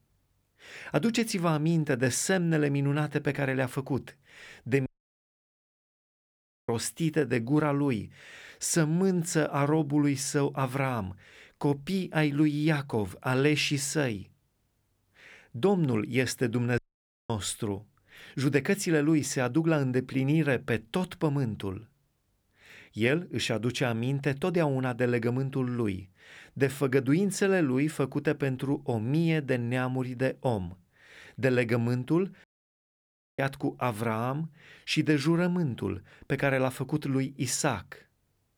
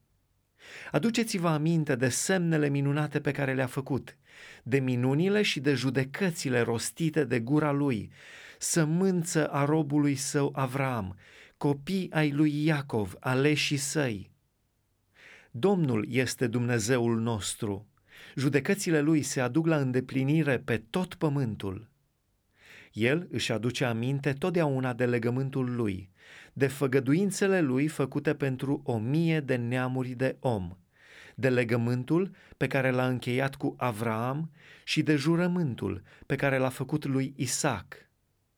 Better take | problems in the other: second | audio cutting out; at 5 s for 2 s, at 17 s for 0.5 s and at 32 s for 1 s

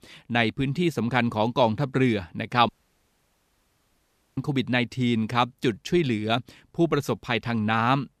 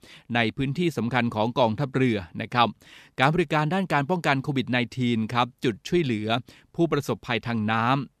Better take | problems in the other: second | audio cutting out; at 2.5 s for 1.5 s

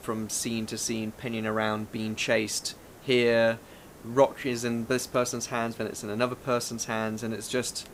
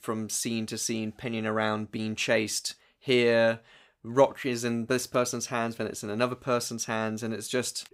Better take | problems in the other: second | hiss; faint; throughout; 20 dB below the speech

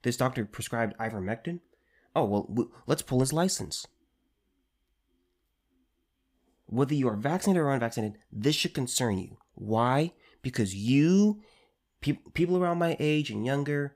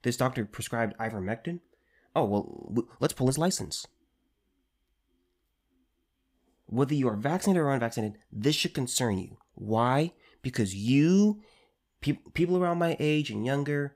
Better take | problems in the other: first | audio freezing; at 2.5 s

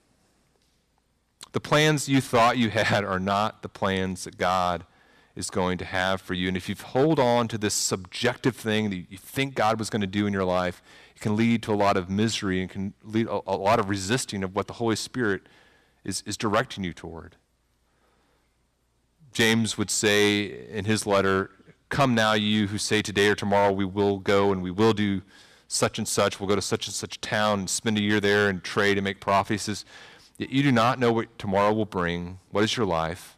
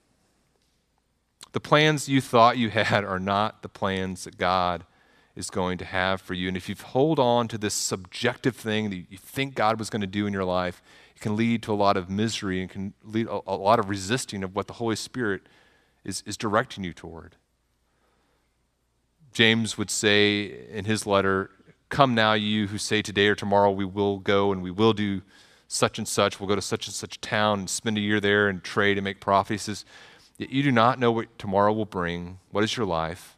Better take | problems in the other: second | distortion; slight; 3% of the sound clipped

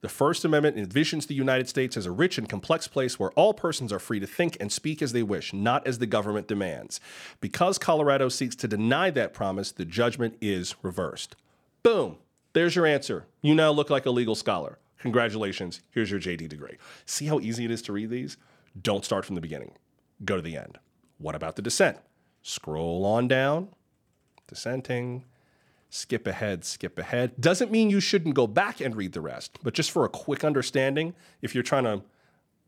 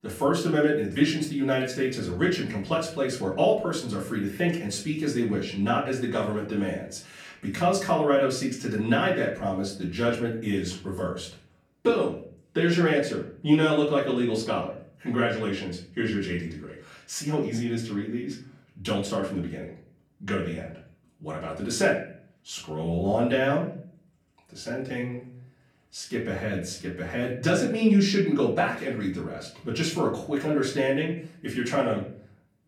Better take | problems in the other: first | off-mic speech; far // room echo; slight; dies away in 0.5 s

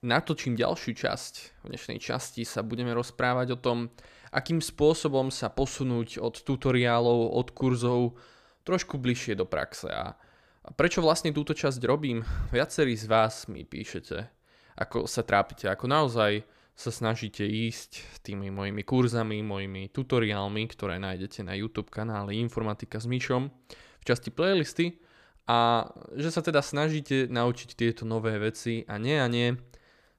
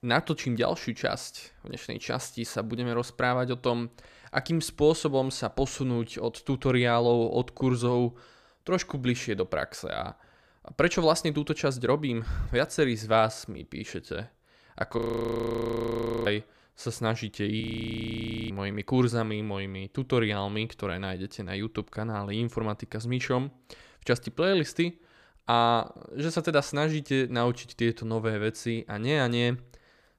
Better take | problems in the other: first | audio freezing; at 15 s for 1.5 s and at 18 s for 1 s

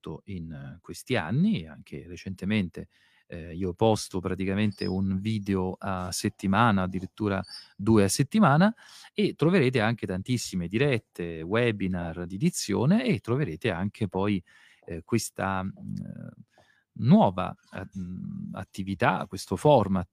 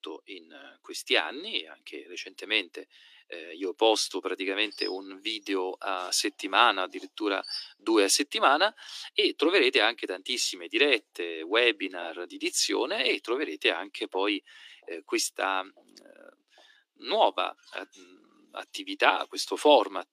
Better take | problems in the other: first | thin; very; fading below 300 Hz

